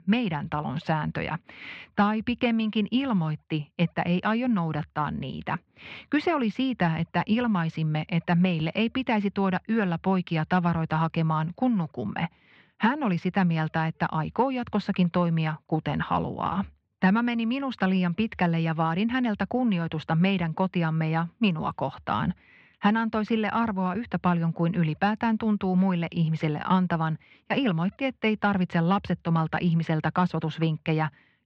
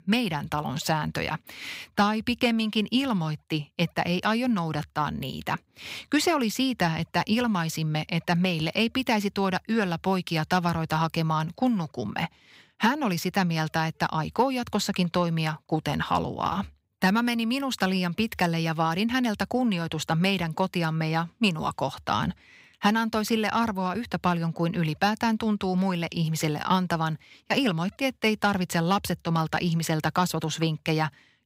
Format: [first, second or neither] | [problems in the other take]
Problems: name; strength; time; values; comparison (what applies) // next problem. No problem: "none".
second | muffled; slightly; fading above 3 kHz